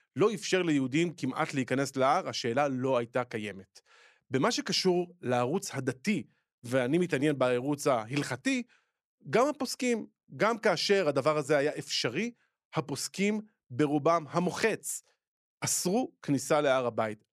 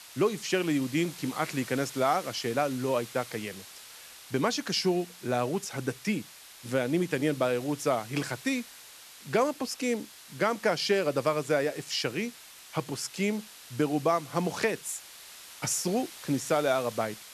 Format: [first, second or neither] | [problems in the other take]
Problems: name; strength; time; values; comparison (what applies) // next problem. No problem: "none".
first | hiss; noticeable; throughout; 15 dB below the speech